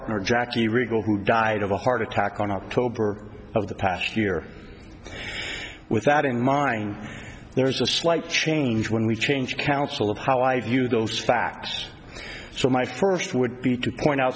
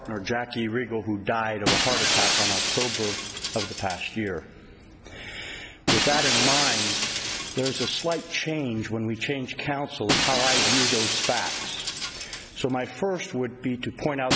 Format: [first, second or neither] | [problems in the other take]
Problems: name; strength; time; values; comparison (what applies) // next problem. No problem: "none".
first | background sound (Shatter); 1 dB above the speech